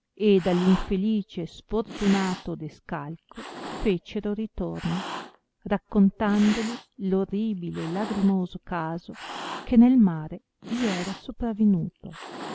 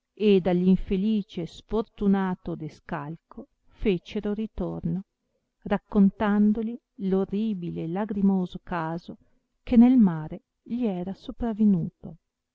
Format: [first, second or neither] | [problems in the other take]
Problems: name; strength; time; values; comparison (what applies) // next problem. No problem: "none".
second | background sound (Cat); 14 dB below the speech